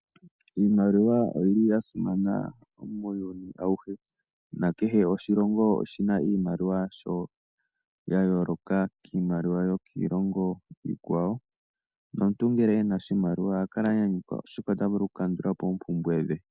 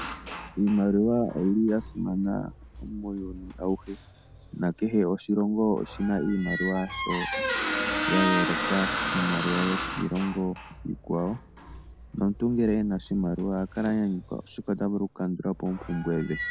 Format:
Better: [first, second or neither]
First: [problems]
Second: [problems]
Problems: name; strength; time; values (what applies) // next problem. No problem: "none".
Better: first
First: none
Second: background sound (Squeak); 6 dB below the speech